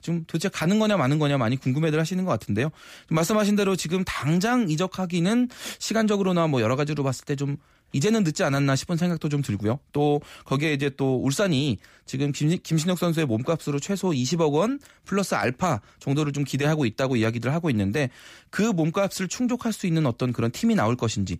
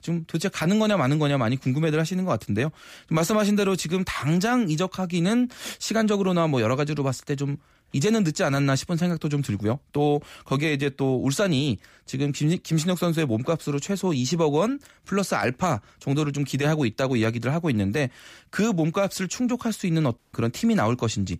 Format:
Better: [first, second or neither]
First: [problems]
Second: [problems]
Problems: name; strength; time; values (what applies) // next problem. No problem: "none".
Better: first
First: none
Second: audio cutting out; at 20 s